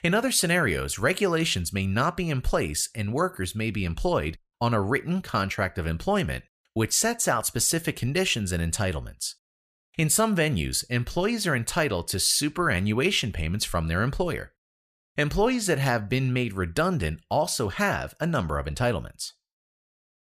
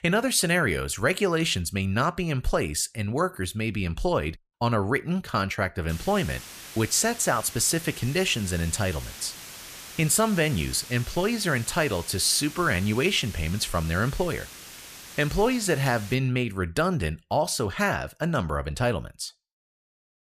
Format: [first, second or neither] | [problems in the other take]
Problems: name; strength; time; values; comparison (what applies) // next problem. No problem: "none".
first | hiss; noticeable; from 6 to 16 s; 15 dB below the speech